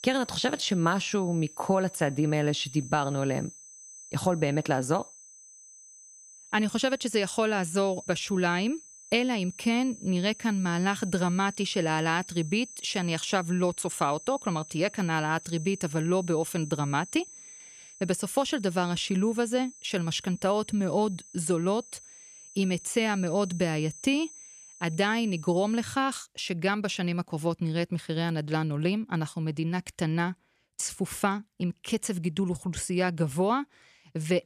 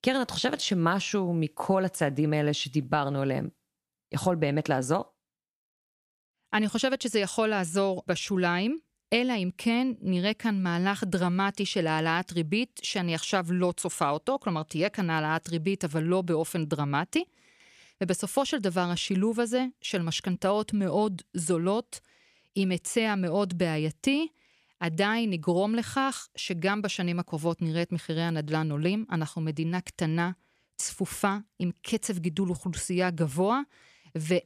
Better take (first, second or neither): second